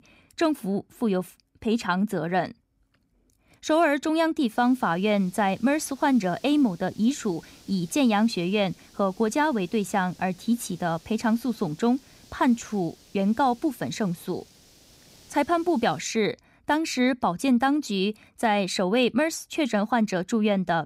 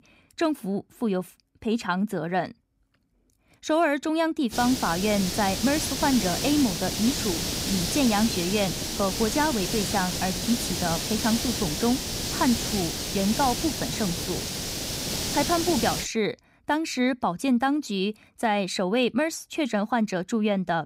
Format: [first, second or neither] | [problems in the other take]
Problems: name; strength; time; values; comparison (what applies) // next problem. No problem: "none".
first | hiss; loud; from 4.5 to 16 s; 2 dB below the speech; faint in the first